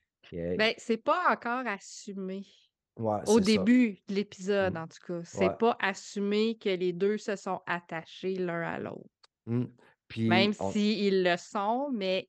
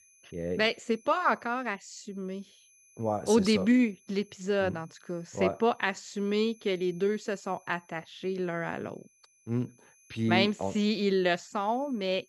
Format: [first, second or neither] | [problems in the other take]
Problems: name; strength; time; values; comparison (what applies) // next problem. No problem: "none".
first | high-pitched whine; faint; throughout; 6 kHz, 30 dB below the speech